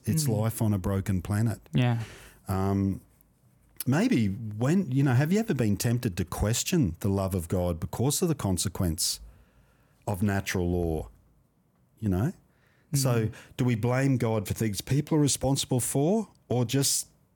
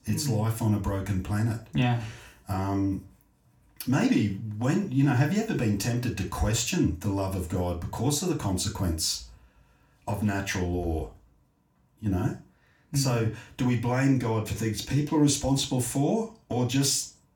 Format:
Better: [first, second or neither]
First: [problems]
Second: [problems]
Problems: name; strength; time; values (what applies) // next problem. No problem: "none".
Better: first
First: none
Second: room echo; very slight; dies away in 0.3 s // off-mic speech; somewhat distant